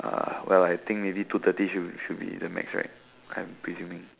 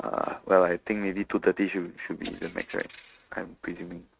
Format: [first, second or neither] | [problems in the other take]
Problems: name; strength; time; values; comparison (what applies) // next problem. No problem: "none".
first | noise reduction (neural mask model RNNoise)